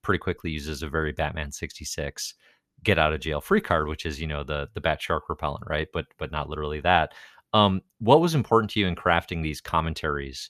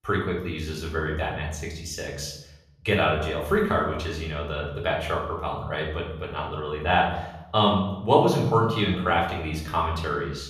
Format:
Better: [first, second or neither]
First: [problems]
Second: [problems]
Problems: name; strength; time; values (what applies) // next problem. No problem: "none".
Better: first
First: none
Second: room echo; noticeable; dies away in 0.8 s // off-mic speech; far